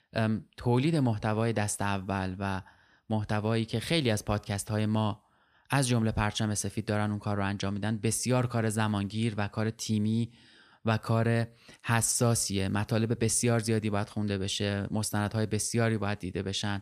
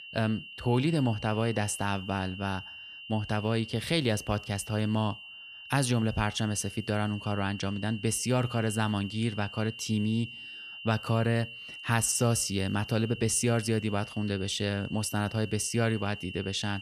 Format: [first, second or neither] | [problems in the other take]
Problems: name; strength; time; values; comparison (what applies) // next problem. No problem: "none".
first | high-pitched whine; noticeable; throughout; 3 kHz, 10 dB below the speech